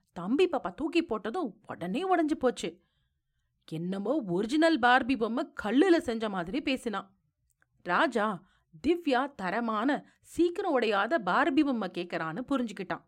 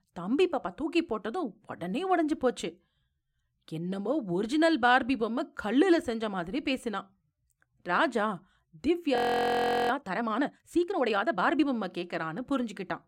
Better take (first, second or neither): first